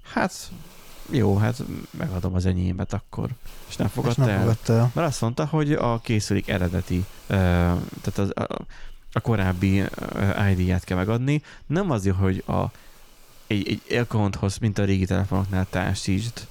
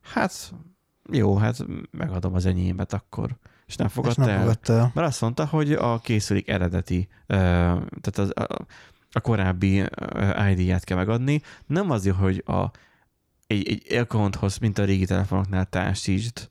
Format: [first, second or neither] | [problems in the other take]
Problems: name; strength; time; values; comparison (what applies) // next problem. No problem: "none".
second | hiss; faint; throughout; 25 dB below the speech